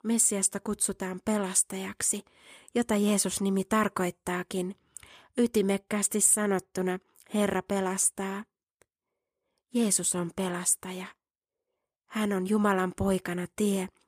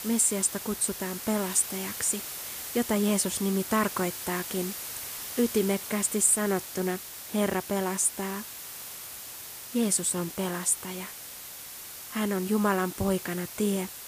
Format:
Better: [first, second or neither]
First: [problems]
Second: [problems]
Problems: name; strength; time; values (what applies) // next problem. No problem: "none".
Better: first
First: none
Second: hiss; loud; throughout; 9 dB below the speech